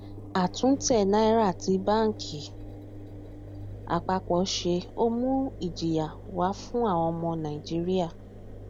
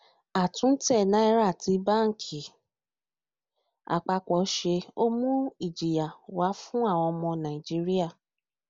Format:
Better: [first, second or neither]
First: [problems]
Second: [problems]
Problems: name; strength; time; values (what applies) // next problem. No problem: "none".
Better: second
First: background sound (Engine); 13 dB below the speech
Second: none